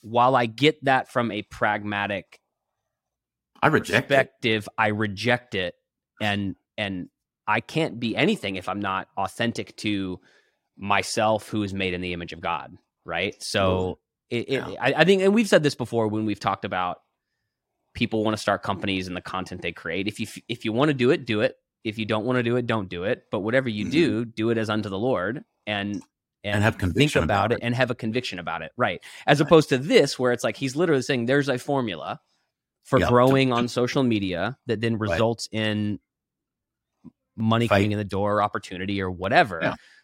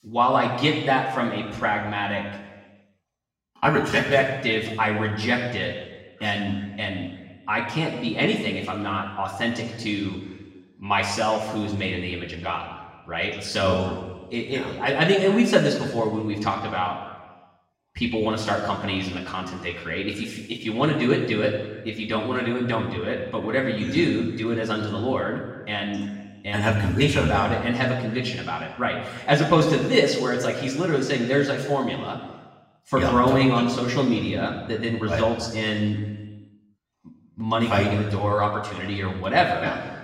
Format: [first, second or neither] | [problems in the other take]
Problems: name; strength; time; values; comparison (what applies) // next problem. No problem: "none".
first | room echo; noticeable; dies away in 1.2 s // off-mic speech; far